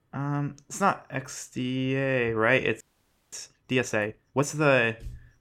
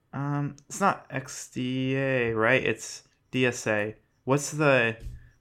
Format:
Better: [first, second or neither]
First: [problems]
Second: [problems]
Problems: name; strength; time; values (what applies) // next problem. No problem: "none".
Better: second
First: audio freezing; at 3 s for 0.5 s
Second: none